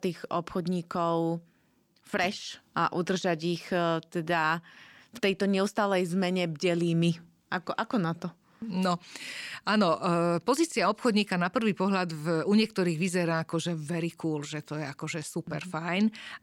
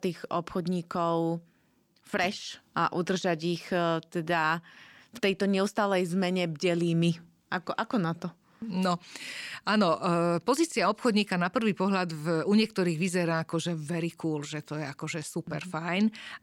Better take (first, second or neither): neither